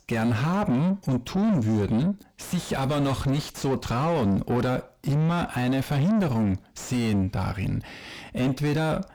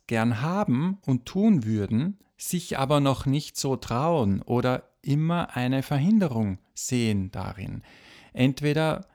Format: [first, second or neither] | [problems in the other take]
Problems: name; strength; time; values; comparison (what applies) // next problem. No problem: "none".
second | distortion; heavy; 5 dB below the speech